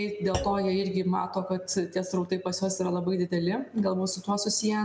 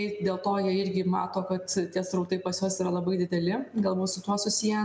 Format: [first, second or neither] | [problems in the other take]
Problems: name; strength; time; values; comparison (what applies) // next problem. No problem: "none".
second | background sound (Thump, thud); 13 dB below the speech